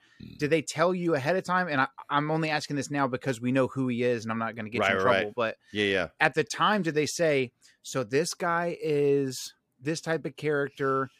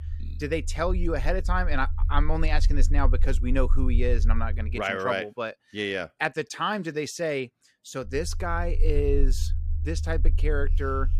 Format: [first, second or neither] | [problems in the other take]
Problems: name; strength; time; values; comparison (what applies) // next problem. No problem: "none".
first | low rumble; noticeable; until 5 s and from 8 s on; 20 dB below the speech